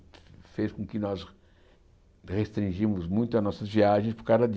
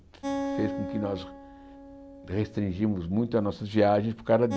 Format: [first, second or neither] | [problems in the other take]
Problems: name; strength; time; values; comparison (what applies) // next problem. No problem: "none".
first | background sound (Acoustic guitar); 10 dB below the speech